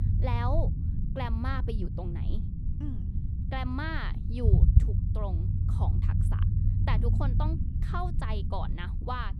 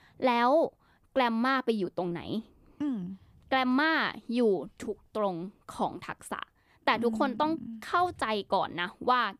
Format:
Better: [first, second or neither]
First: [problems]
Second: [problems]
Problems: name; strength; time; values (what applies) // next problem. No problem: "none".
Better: second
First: low rumble; loud; throughout; 7 dB below the speech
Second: none